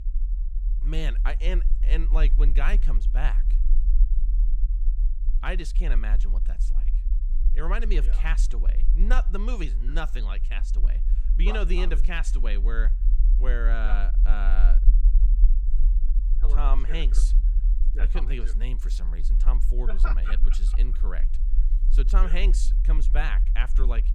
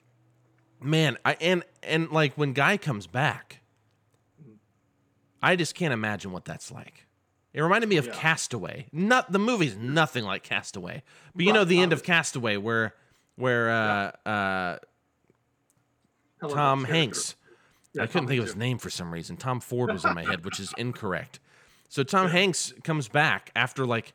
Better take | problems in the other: second | low rumble; noticeable; throughout; 15 dB below the speech

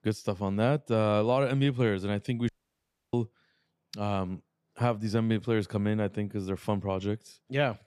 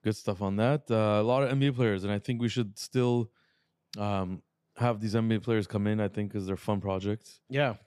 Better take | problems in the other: second | audio cutting out; at 2.5 s for 0.5 s

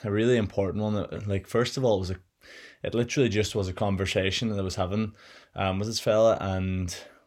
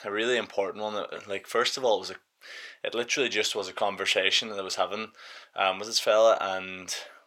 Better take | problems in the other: first | thin; very; fading below 550 Hz

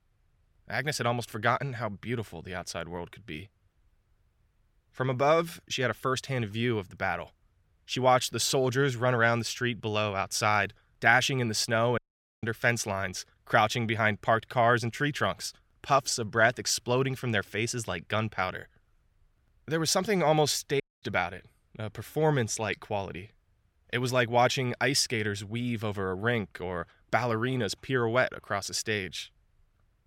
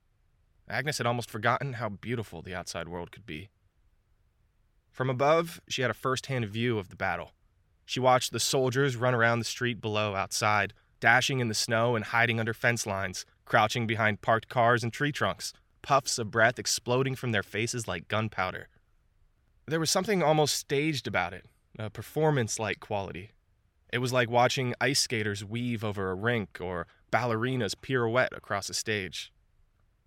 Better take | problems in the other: second | audio cutting out; at 12 s and at 21 s

